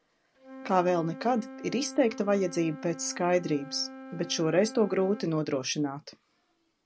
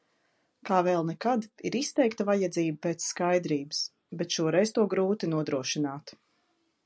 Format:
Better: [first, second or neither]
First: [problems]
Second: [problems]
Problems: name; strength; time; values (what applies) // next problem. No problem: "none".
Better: second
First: background sound (Wind instrument, woodwind instrument); 16 dB below the speech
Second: none